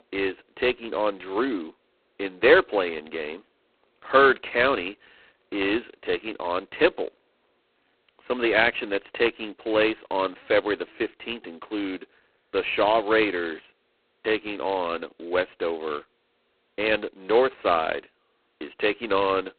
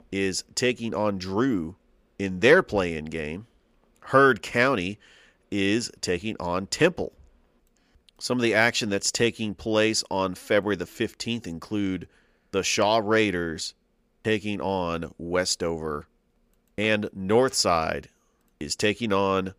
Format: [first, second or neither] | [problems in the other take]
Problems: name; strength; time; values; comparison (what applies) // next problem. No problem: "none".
second | phone-call audio; poor line; nothing above 4 kHz